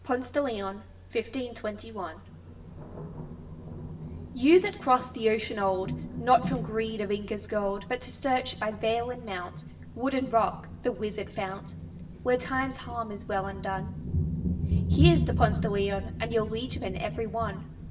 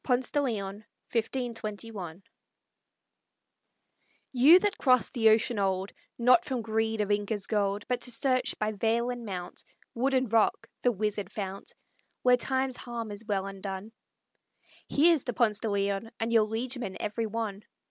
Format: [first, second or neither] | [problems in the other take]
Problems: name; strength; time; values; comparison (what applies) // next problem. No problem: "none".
second | background sound (Thunder); 4 dB below the speech // room echo; dies away in 0.7 s